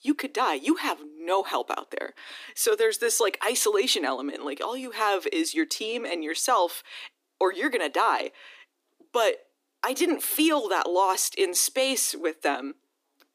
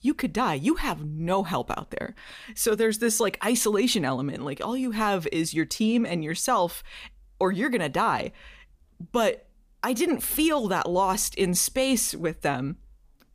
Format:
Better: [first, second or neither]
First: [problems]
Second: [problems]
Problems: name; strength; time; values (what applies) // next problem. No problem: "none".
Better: second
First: thin; somewhat; fading below 300 Hz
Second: none